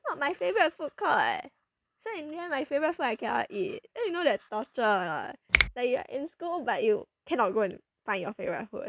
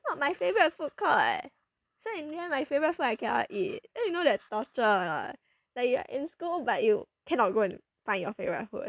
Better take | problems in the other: second | background sound (Finger snapping); 2 dB below the speech

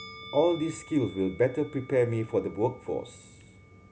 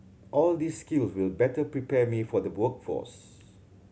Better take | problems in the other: second | background sound (Musical instrument); 20 dB below the speech

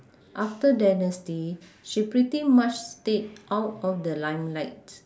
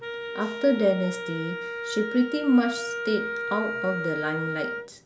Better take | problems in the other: first | background sound (Wind instrument, woodwind instrument); 6 dB below the speech

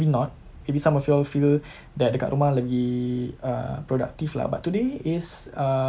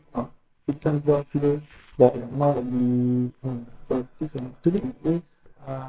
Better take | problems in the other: first | noise reduction (neural separator model SepFormer WHAMR!)

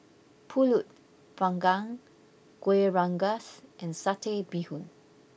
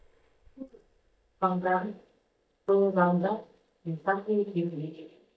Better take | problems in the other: first | noise reduction (neural mask model DeepFilterNet 3)

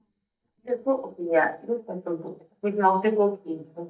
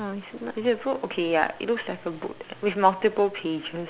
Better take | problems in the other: second | noise reduction (neural mask model DeepFilterNet 3)

